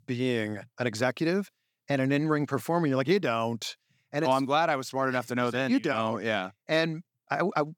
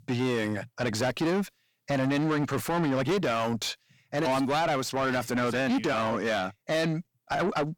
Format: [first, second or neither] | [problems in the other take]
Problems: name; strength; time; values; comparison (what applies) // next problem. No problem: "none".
first | distortion; heavy; 6 dB below the speech